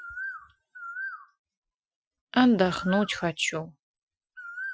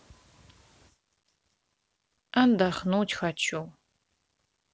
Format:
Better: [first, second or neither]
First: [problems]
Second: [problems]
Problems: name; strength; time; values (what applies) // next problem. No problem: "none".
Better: second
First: noise reduction (classical method Wiener filter)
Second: none